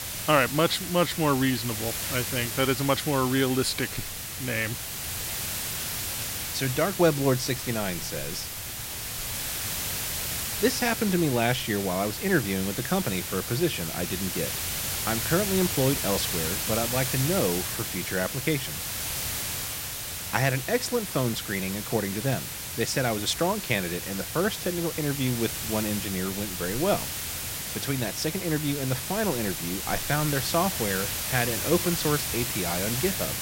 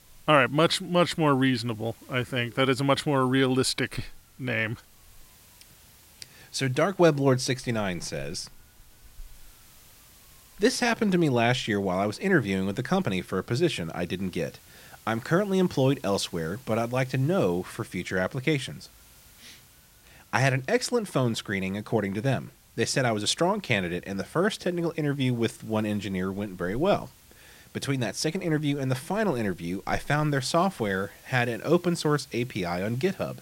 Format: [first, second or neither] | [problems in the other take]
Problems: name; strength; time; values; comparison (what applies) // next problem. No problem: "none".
second | hiss; loud; throughout; 2 dB below the speech; faint in the second